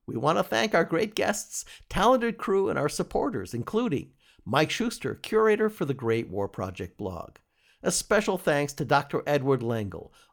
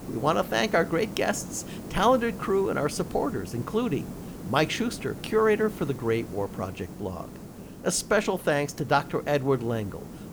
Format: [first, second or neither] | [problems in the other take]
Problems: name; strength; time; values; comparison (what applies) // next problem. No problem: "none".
first | hiss; noticeable; throughout; 15 dB below the speech